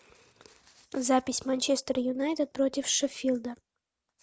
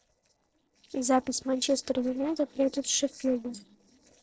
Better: first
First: none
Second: noise reduction (neural separator model SepFormer DNS4)

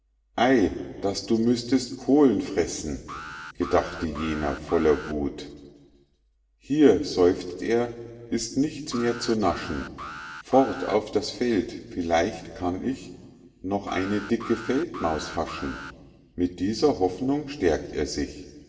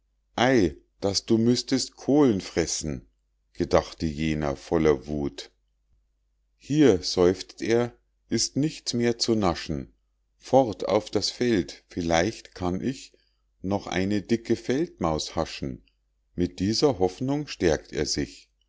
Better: second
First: background sound (Alarm); 15 dB below the speech // room echo; dies away in 1.7 s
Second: none

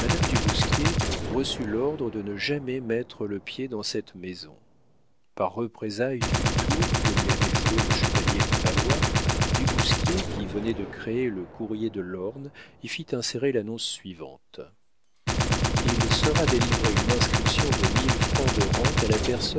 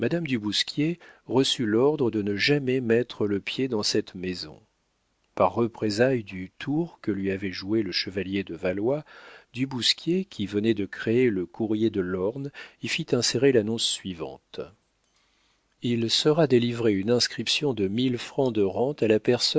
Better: second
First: background sound (Gunshot, gunfire); 4 dB above the speech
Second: none

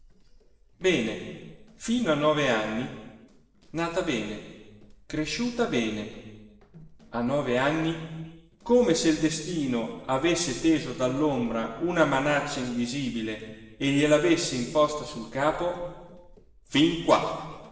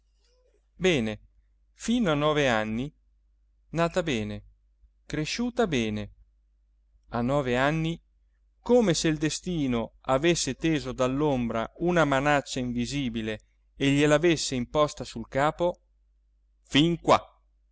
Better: second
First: noise reduction (neural separator model SepFormer DNS4)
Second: none

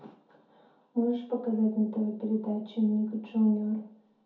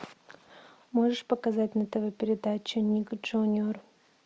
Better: second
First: room echo; dies away in 0.5 s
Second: none

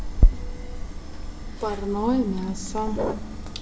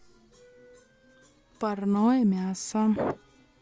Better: second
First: background sound (Chewing, mastication); 4 dB above the speech // room echo; dies away in 1.2 s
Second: none

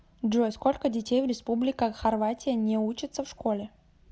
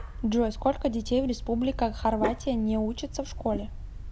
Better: first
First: none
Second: background sound (Dog); 8 dB below the speech

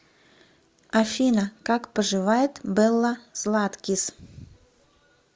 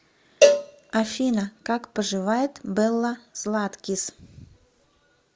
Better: first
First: none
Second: background sound (Cowbell); 3 dB above the speech

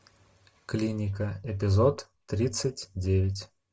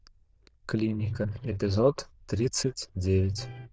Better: first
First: none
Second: noise reduction (neural diffusion model UNIVERSE++)

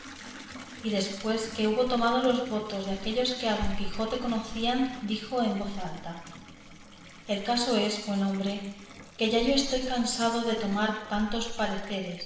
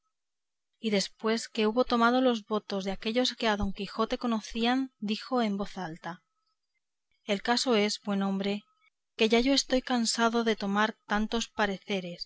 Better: second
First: background sound (Bathtub (filling or washing) / Water tap, faucet); 17 dB below the speech // room echo; dies away in 1 s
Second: none

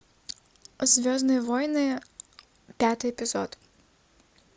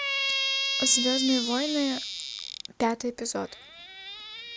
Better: first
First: none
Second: background sound (Squeak); 1 dB below the speech

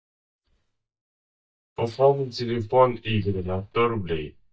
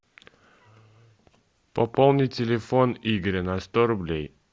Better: second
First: noise reduction (neural mask model DeepFilterNet 3)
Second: none

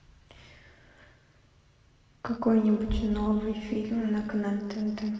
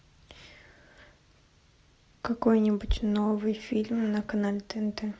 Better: second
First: room echo; dies away in 1.9 s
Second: none

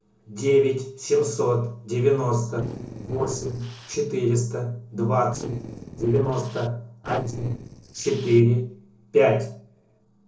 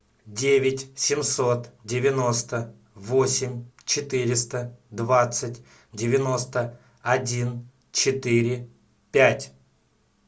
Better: second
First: noise reduction (neural separator model SepFormer DNS4)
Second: none

